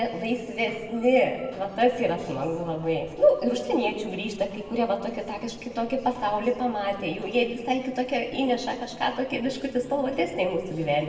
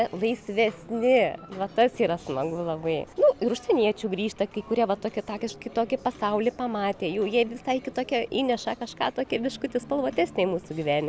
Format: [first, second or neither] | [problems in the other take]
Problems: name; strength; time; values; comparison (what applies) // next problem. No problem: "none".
second | room echo; dies away in 1 s